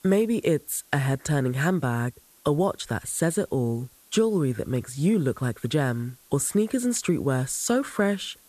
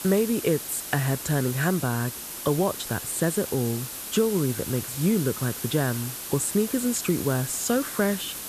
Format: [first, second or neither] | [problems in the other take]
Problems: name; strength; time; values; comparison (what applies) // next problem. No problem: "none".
first | hiss; loud; throughout; 7 dB below the speech; faint in the first